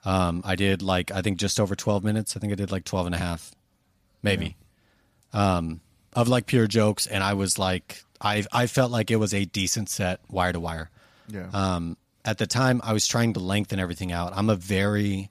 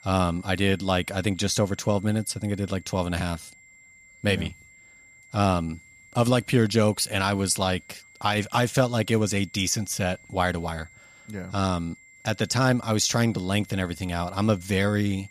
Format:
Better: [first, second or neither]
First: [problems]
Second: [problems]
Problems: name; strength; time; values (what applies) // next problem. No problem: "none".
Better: first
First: none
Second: high-pitched whine; faint; throughout; 2 kHz, 25 dB below the speech